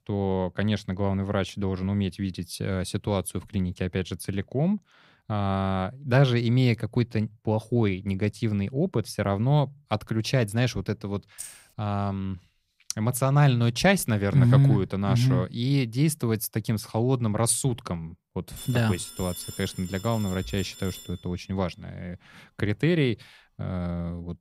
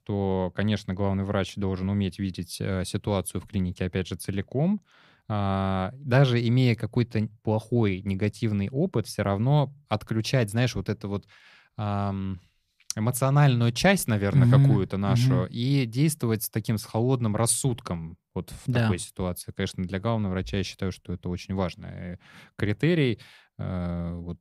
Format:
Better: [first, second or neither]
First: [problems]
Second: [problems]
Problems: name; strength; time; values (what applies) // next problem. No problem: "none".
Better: second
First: jangling keys; faint; at 11 s; peak 15 dB below the speech // phone ringing; faint; from 19 to 21 s; peak 10 dB below the speech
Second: none